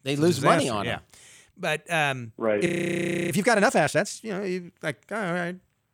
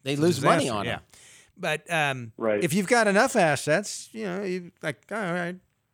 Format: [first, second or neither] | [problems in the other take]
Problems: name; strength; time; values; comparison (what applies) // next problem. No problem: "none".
second | audio freezing; at 2.5 s for 0.5 s